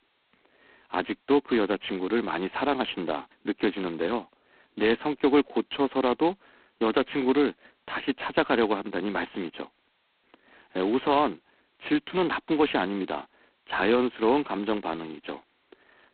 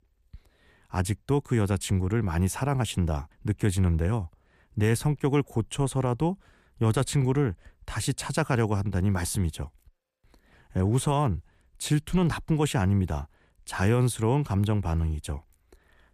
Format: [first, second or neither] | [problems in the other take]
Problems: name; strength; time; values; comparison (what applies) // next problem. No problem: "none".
second | phone-call audio; poor line; nothing above 4 kHz